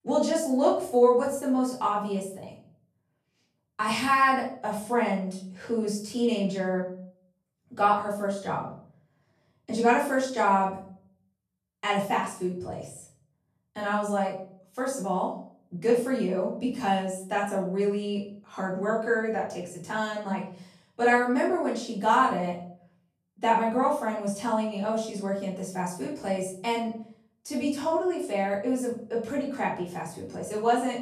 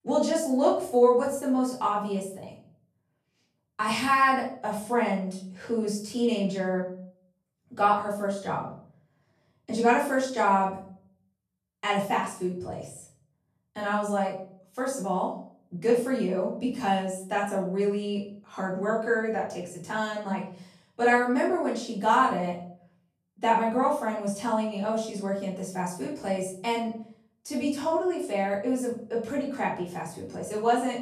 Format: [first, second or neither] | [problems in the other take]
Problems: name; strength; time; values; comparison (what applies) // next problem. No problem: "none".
neither | off-mic speech; far; the same in both // room echo; noticeable; dies away in 0.5 s; the same in both